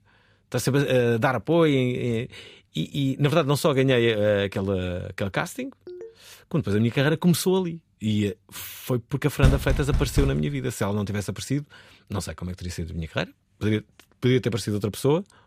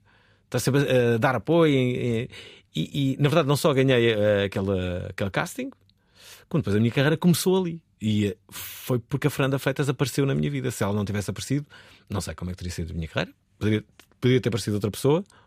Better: second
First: phone ringing; faint; at 6 s; peak 15 dB below the speech // door banging; loud; at 9.5 s; peak 1 dB above the speech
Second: none

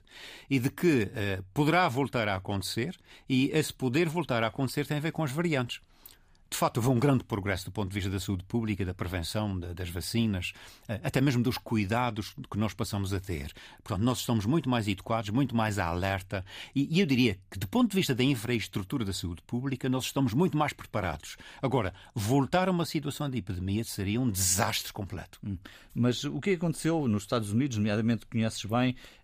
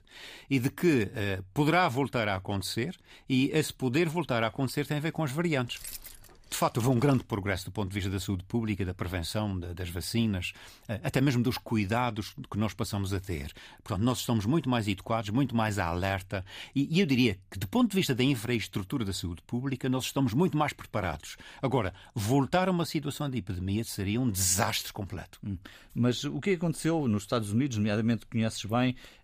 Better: first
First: none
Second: jangling keys; faint; from 5.5 to 7 s; peak 10 dB below the speech

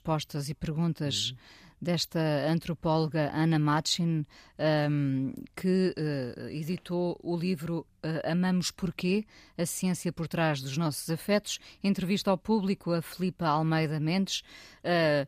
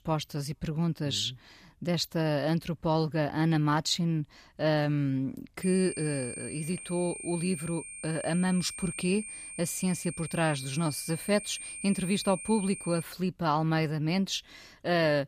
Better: first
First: none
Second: high-pitched whine; loud; from 5.5 to 13 s; 9 kHz, 9 dB below the speech

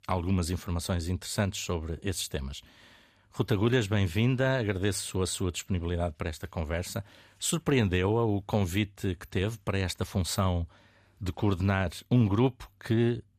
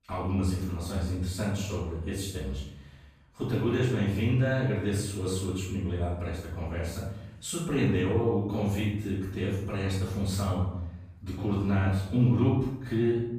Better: first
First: none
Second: room echo; noticeable; dies away in 0.8 s // off-mic speech; far

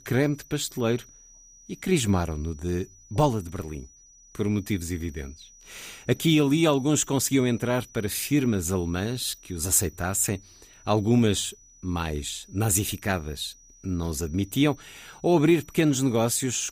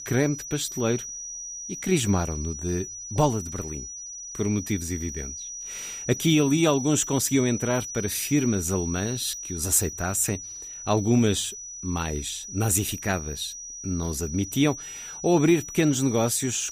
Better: first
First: high-pitched whine; faint; throughout; 6 kHz, 25 dB below the speech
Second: high-pitched whine; loud; throughout; 6 kHz, 9 dB below the speech

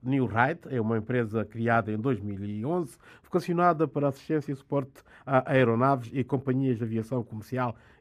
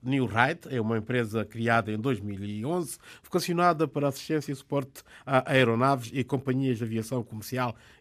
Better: second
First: muffled; slightly; fading above 2.5 kHz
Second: none

